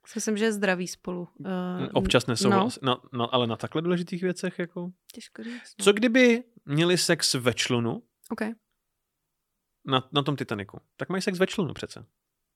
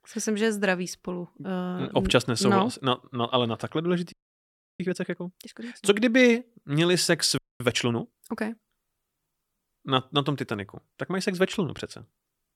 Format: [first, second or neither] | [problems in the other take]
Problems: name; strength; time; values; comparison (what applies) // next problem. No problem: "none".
first | audio freezing; at 4 s for 0.5 s and at 7.5 s